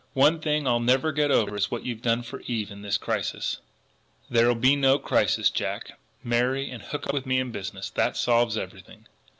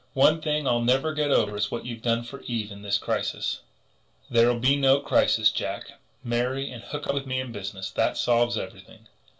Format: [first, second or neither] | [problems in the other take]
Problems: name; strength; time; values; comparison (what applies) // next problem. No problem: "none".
first | room echo; dies away in 0.2 s